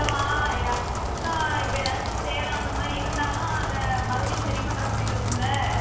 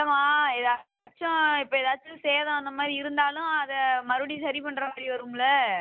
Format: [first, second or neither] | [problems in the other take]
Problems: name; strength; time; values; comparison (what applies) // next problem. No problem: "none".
second | background sound (Rain); 3 dB above the speech // room echo; dies away in 1.1 s